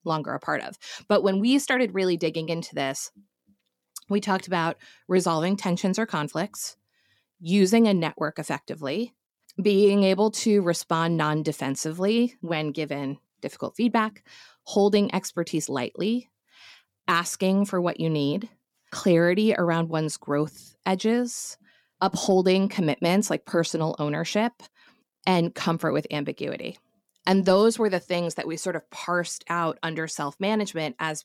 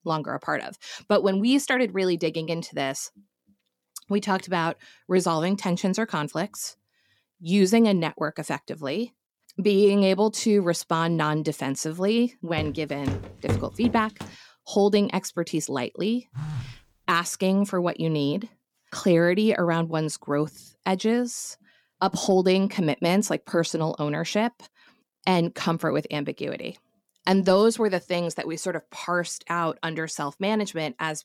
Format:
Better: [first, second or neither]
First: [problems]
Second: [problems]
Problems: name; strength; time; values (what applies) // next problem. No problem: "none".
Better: first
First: none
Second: footsteps; noticeable; from 13 to 14 s; peak 4 dB below the speech // phone ringing; noticeable; at 16 s; peak 9 dB below the speech